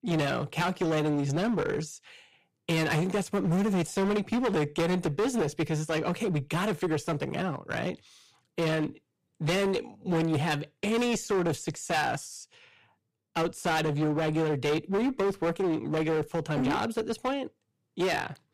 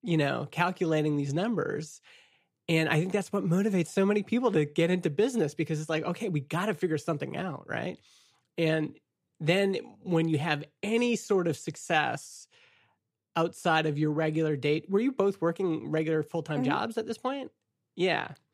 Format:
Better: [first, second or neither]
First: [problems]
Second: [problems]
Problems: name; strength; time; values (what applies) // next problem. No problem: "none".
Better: second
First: distortion; heavy; 17% of the sound clipped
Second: none